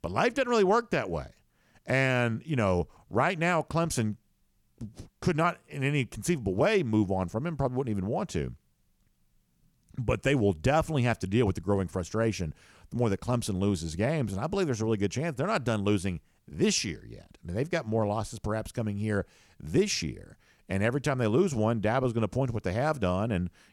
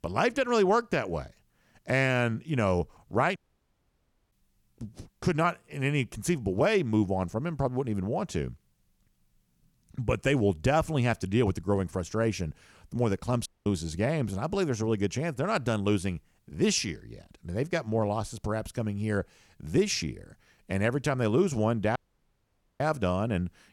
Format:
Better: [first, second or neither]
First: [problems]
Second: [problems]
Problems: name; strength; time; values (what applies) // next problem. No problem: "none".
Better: first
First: none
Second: audio cutting out; at 3.5 s for 1 s, at 13 s and at 22 s for 1 s